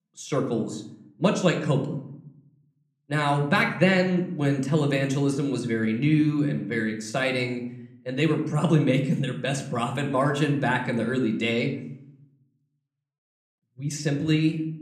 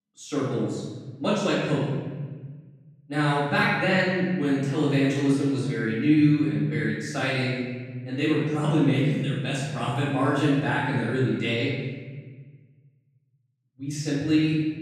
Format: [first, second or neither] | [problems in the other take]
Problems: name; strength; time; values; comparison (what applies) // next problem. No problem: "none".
first | room echo; strong; dies away in 1.4 s; slight in the first // off-mic speech; far